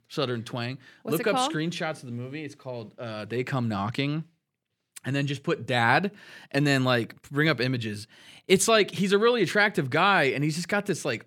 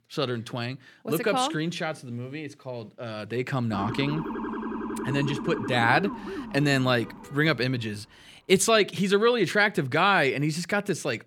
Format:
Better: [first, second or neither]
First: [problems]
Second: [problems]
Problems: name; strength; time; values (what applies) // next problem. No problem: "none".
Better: first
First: none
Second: siren; noticeable; from 3.5 to 7.5 s; peak 7 dB below the speech